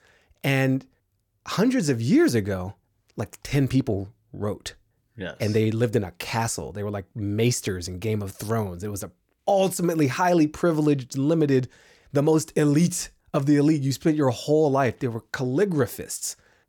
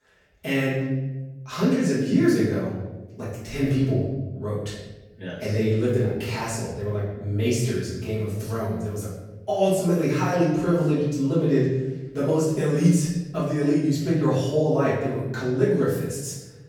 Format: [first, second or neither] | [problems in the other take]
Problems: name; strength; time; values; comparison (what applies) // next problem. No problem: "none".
first | off-mic speech; far // room echo; noticeable; dies away in 1.1 s